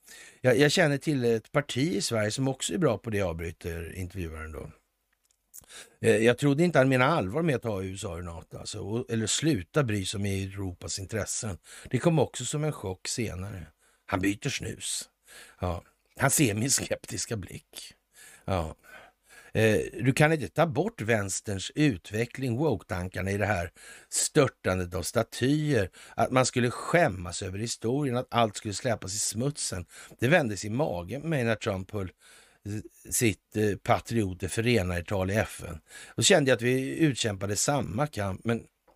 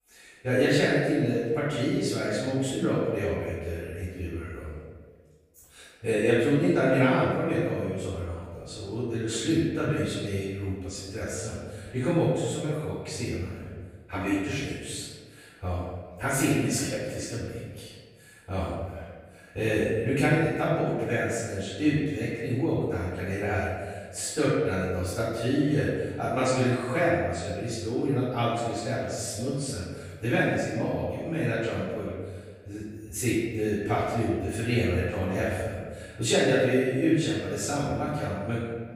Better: first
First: none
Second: off-mic speech; far // room echo; strong; dies away in 1.5 s

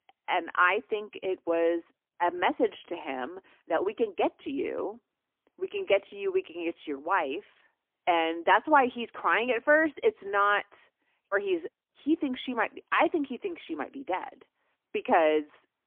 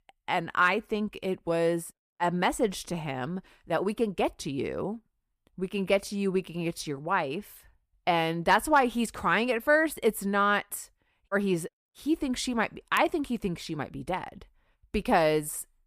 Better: second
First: phone-call audio; poor line; nothing above 3 kHz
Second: none

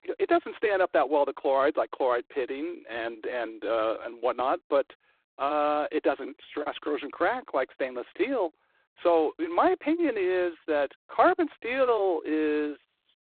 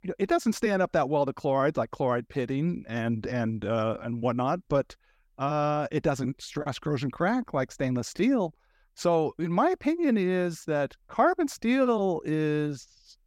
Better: second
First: phone-call audio; poor line; nothing above 4 kHz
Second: none

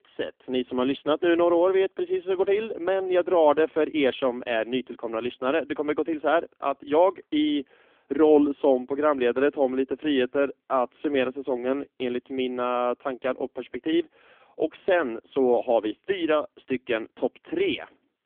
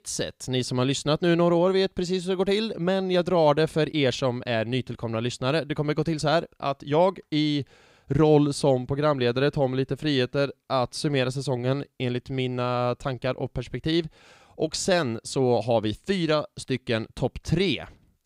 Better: second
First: phone-call audio; poor line; nothing above 3.5 kHz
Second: none

